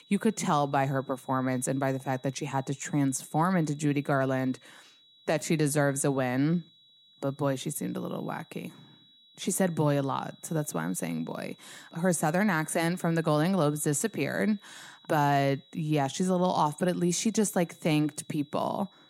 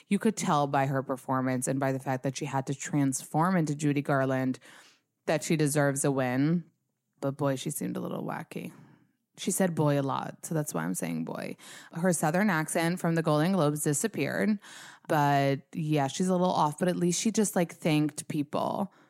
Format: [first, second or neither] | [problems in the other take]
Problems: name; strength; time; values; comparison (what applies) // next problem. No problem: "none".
second | high-pitched whine; faint; throughout; 4 kHz, 30 dB below the speech